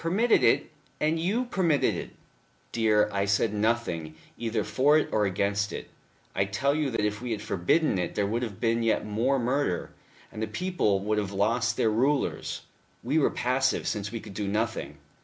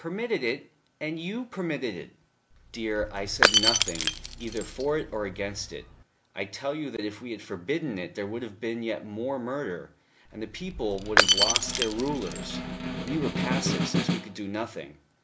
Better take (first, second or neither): first